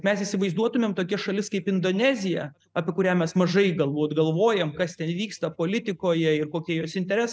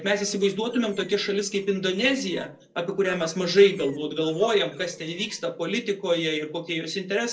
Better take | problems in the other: first | noise reduction (neural separator model SepFormer DNS4)

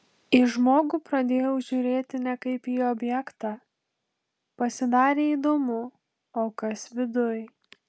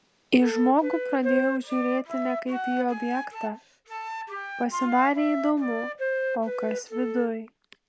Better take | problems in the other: first | background sound (Wind instrument, woodwind instrument); 5 dB below the speech

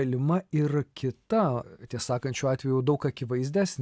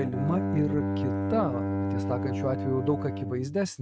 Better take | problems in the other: first | noise reduction (neural mask model RNNoise)

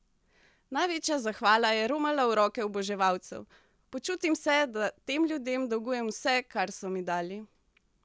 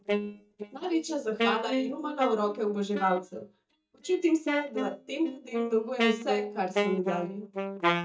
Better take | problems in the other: first | noise reduction (neural mask model DeepFilterNet 3)

